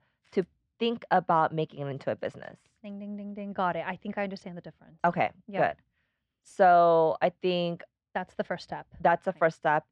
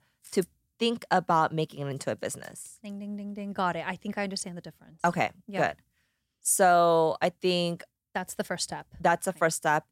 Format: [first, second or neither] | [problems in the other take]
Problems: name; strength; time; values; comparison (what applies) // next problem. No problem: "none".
second | muffled; very; fading above 3 kHz